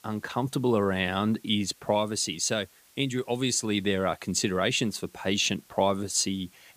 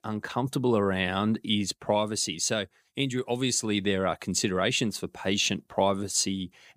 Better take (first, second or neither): second